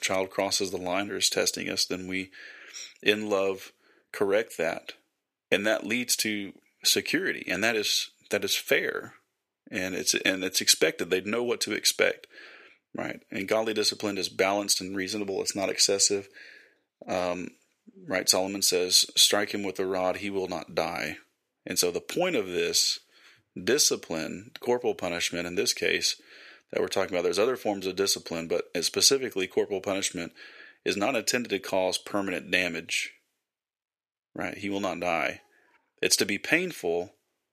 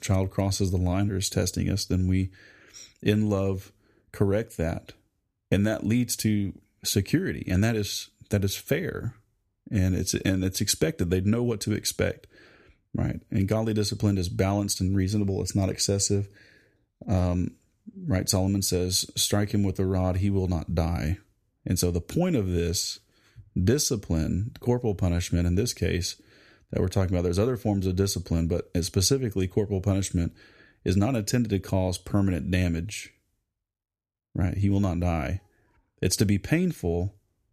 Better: second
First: thin; very; fading below 450 Hz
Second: none

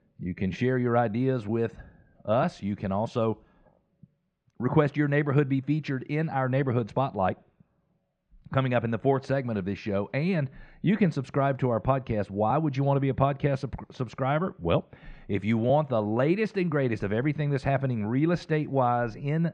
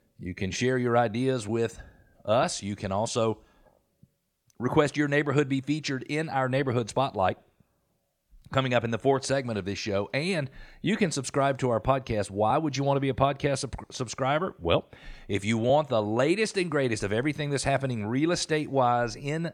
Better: second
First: muffled; slightly; fading above 2.5 kHz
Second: none

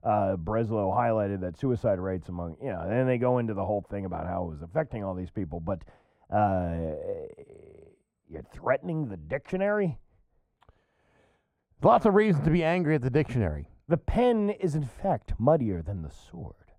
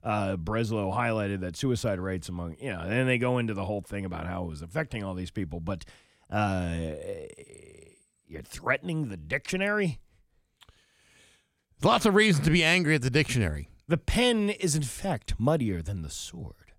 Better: second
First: muffled; very; fading above 2 kHz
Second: none

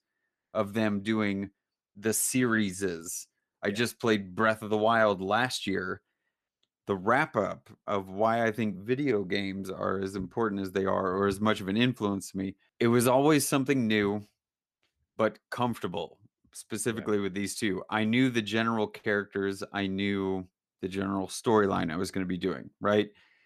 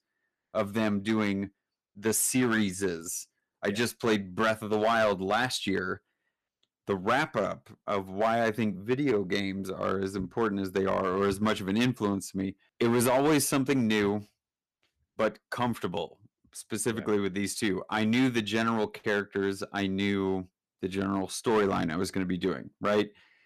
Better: first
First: none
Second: distortion; slight; 4% of the sound clipped

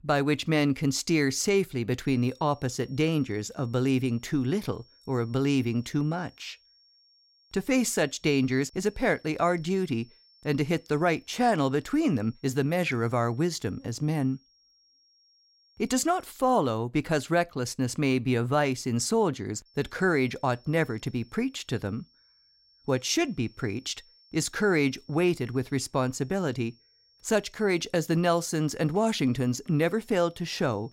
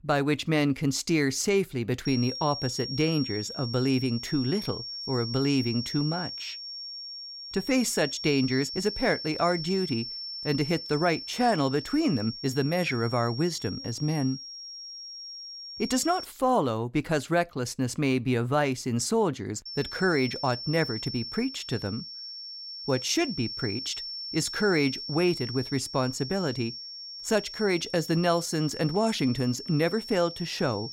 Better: first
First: high-pitched whine; faint; from 2 to 16 s and from 20 s on; 5.5 kHz, 30 dB below the speech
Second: high-pitched whine; loud; from 2 to 16 s and from 20 s on; 5.5 kHz, 8 dB below the speech

